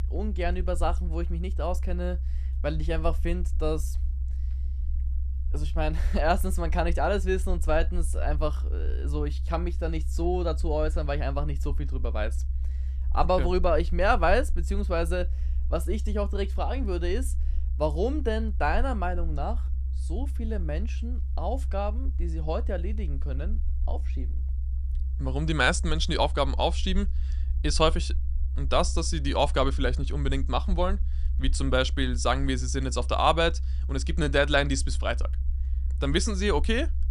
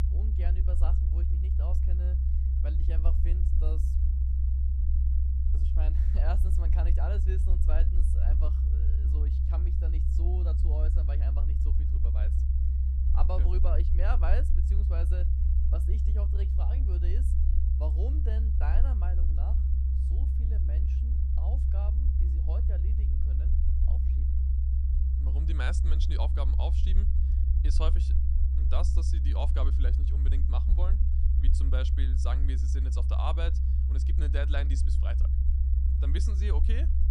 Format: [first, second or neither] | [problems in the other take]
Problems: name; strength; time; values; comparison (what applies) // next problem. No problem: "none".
first | low rumble; loud; throughout; 3 dB below the speech; faint in the first